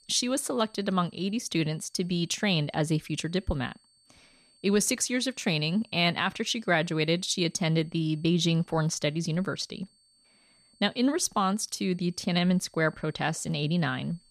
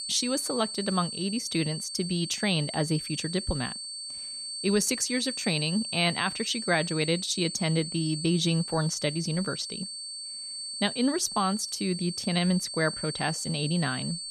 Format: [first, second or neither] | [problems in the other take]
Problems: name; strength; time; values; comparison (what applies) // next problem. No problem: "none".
first | high-pitched whine; loud; throughout; 4.5 kHz, 6 dB below the speech; faint in the first